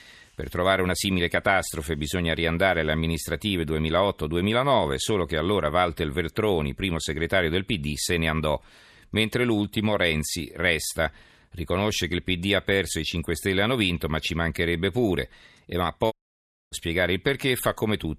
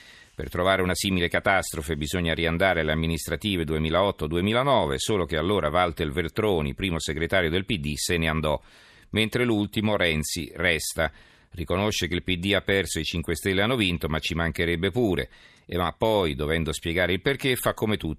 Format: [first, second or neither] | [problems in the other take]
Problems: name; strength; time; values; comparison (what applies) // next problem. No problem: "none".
second | audio cutting out; at 16 s for 0.5 s